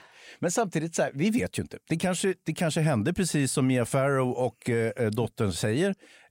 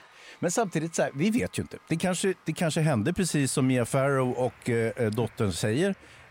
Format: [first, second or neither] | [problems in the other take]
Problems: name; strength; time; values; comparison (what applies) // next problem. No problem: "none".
first | crowd noise; faint; throughout; 25 dB below the speech